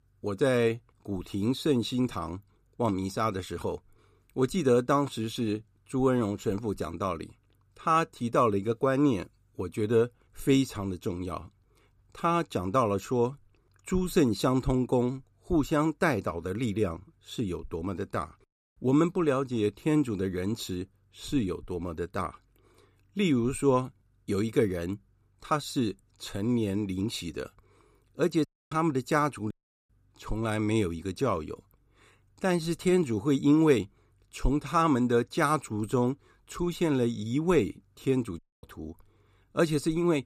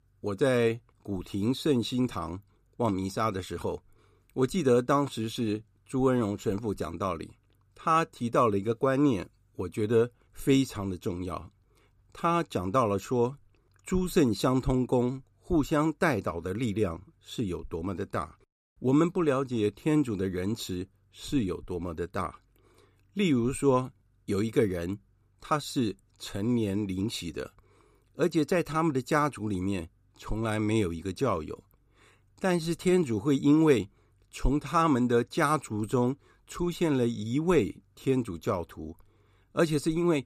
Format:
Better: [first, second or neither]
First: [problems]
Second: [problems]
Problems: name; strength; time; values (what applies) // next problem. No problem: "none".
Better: second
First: audio cutting out; at 28 s, at 30 s and at 38 s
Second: none